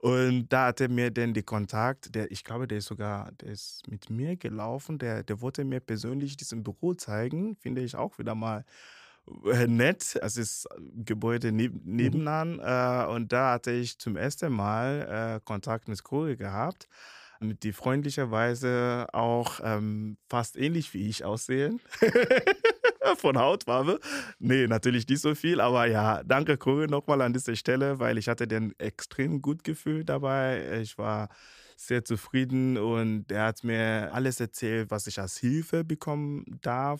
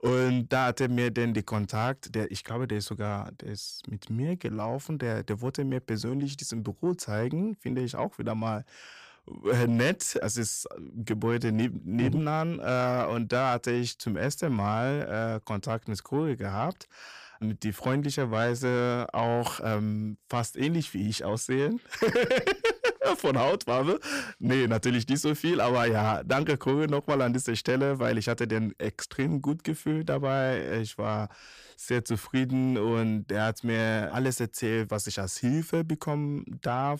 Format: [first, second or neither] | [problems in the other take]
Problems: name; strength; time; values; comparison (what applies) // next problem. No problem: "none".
first | distortion; slight; 10 dB below the speech